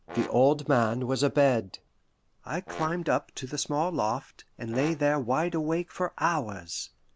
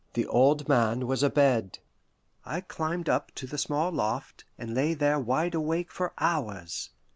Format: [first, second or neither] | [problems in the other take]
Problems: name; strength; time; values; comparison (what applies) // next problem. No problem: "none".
second | background sound (Brass instrument); 19 dB below the speech